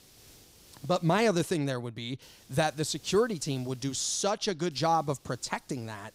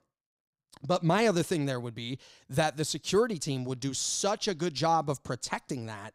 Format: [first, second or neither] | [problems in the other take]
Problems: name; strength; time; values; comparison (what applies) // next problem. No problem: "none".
second | hiss; faint; until 1.5 s, from 2 to 4 s and from 4.5 s on; 25 dB below the speech